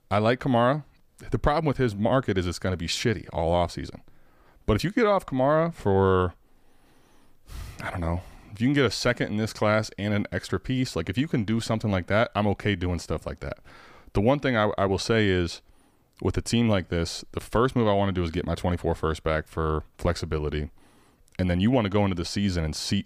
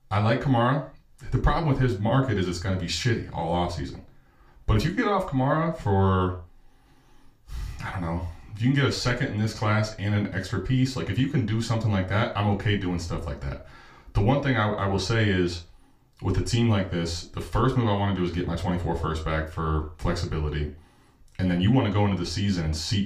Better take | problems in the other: first | room echo; slight; dies away in 0.3 s // off-mic speech; far

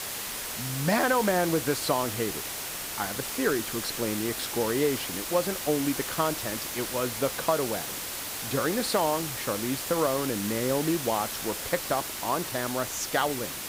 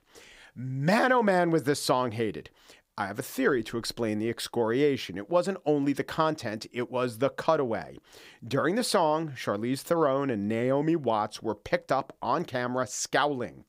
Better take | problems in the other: second | hiss; loud; throughout; 3 dB below the speech

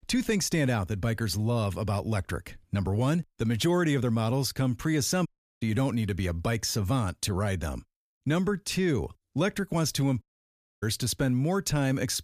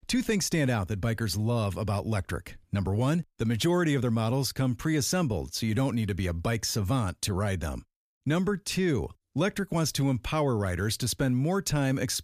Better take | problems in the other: second | audio cutting out; at 5.5 s and at 10 s for 0.5 s

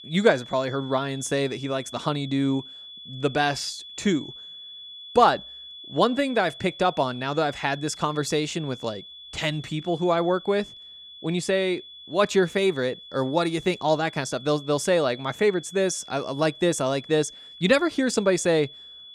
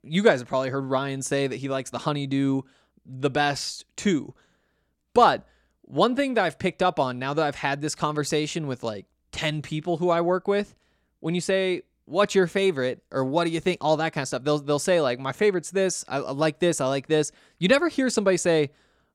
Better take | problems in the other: second | high-pitched whine; noticeable; throughout; 3.5 kHz, 15 dB below the speech

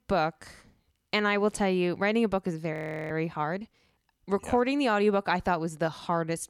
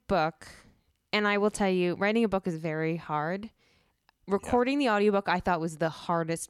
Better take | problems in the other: second | audio freezing; at 2.5 s

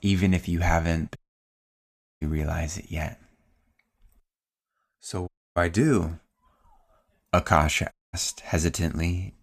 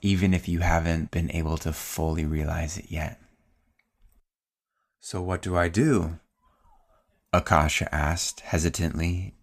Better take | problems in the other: second | audio cutting out; at 1 s for 1 s, at 5.5 s and at 8 s

